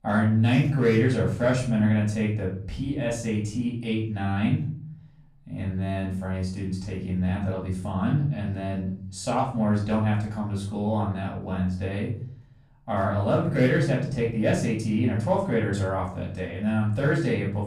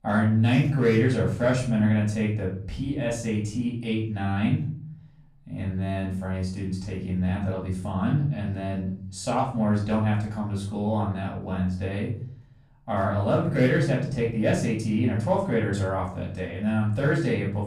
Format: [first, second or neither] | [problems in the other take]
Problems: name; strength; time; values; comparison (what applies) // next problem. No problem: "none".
neither | off-mic speech; far; the same in both // room echo; noticeable; dies away in 0.6 s; the same in both